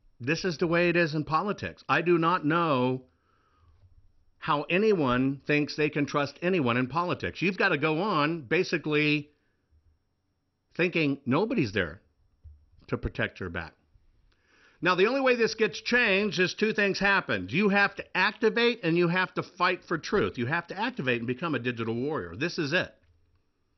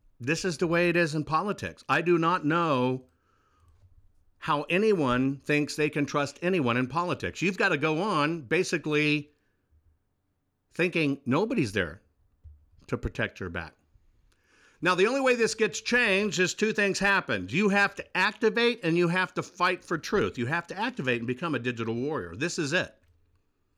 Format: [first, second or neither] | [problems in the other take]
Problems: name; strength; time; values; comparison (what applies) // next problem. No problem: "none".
second | garbled, watery; slightly; nothing above 6 kHz